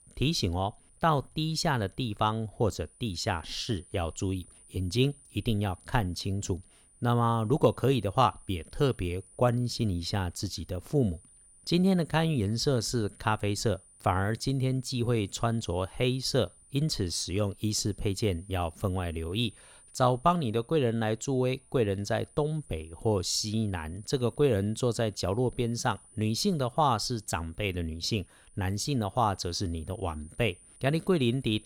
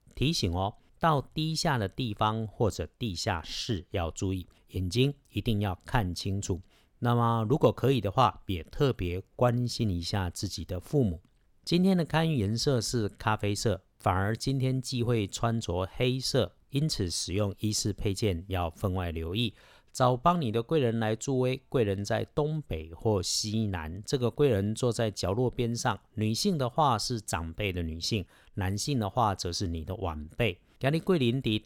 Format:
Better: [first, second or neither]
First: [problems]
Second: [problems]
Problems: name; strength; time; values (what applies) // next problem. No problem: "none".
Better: second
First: high-pitched whine; faint; throughout; 9.5 kHz, 25 dB below the speech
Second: none